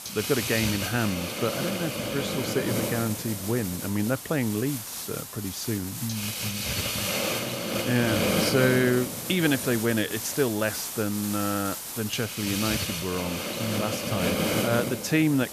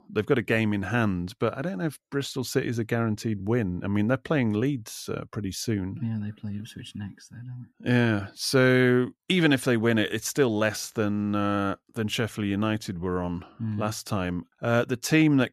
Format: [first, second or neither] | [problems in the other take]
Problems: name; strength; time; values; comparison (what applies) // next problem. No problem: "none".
second | hiss; loud; throughout; 2 dB below the speech